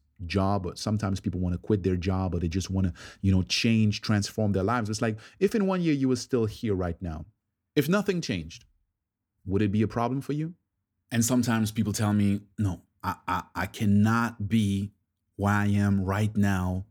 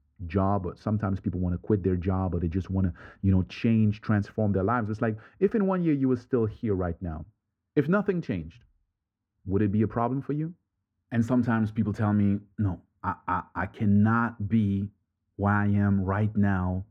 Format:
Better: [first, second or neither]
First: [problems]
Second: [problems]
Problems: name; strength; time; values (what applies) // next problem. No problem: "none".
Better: first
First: none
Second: muffled; very; fading above 3 kHz